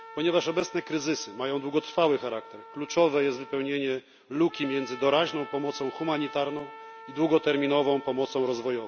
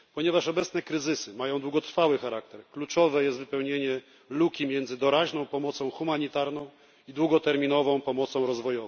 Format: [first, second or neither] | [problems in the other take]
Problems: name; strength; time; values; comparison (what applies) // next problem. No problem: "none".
second | background sound (Trumpet); 17 dB below the speech